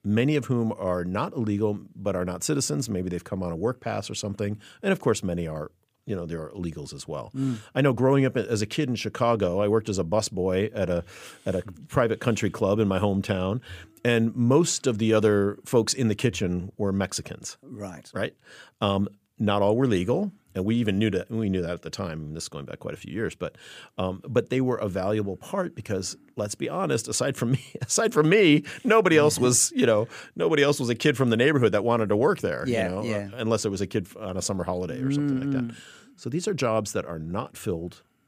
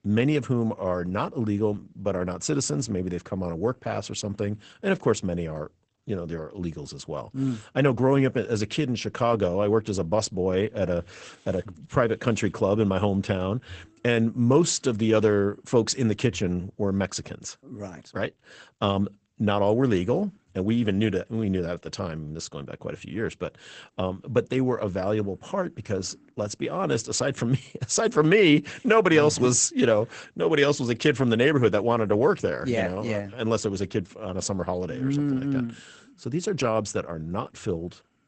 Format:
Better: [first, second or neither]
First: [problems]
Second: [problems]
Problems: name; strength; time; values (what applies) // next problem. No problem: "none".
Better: first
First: none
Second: garbled, watery; badly; nothing above 8 kHz